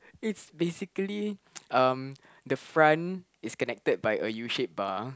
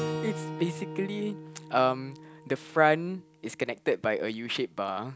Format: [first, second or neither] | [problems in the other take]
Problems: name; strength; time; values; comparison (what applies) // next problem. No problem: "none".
first | background sound (Keyboard (musical) + Acoustic guitar / Strum); 11 dB below the speech